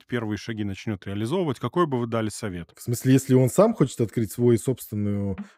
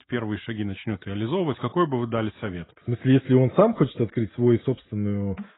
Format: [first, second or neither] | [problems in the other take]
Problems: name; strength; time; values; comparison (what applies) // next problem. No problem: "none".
first | garbled, watery; badly; nothing above 4 kHz